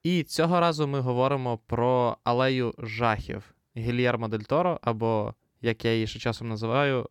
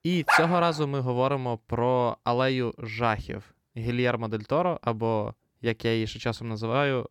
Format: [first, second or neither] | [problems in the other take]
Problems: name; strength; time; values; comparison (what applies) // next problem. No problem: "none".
first | dog barking; loud; at 0.5 s; peak 4 dB above the speech